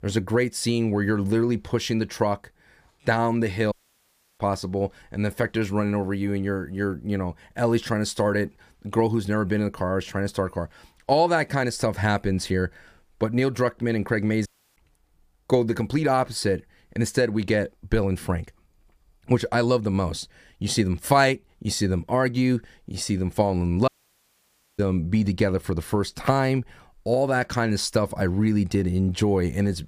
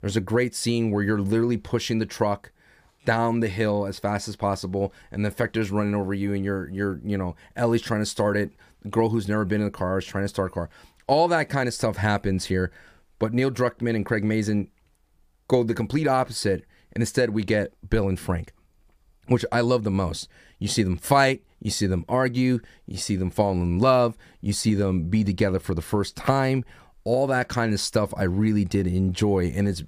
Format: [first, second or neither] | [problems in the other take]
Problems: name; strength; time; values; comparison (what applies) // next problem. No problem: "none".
second | audio cutting out; at 3.5 s for 0.5 s, at 14 s and at 24 s for 1 s